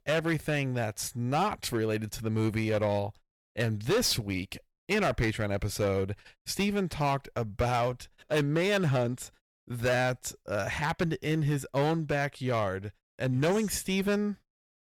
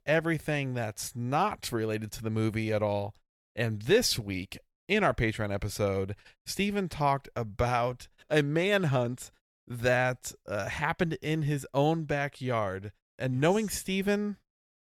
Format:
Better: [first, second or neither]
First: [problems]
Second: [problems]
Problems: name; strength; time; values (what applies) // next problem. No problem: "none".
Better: second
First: distortion; slight; 7% of the sound clipped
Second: none